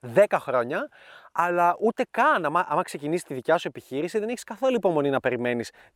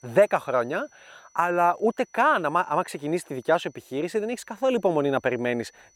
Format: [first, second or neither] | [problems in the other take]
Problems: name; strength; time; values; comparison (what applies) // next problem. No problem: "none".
first | high-pitched whine; faint; throughout; 6 kHz, 35 dB below the speech